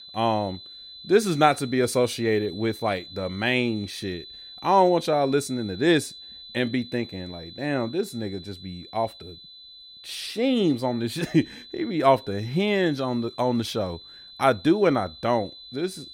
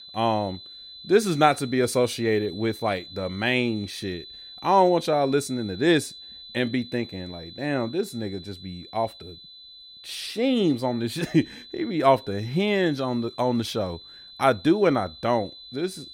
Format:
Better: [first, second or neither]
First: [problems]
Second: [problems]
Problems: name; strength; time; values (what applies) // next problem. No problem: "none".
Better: neither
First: high-pitched whine; noticeable; throughout; 4 kHz, 15 dB below the speech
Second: high-pitched whine; noticeable; throughout; 4 kHz, 15 dB below the speech